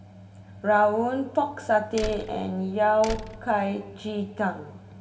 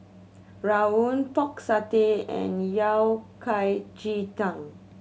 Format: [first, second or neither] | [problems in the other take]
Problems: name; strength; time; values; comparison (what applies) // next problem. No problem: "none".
second | background sound (Slam); 12 dB below the speech // room echo; dies away in 1.3 s